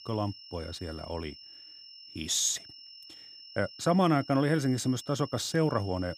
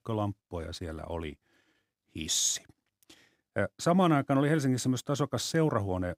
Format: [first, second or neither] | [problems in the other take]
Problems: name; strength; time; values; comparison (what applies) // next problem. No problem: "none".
second | high-pitched whine; noticeable; throughout; 5.5 kHz, 15 dB below the speech